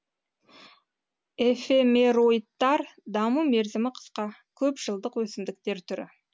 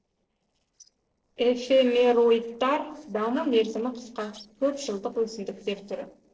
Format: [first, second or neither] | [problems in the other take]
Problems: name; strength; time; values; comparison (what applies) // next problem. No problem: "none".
first | noise reduction (neural separator model SepFormer DNS4)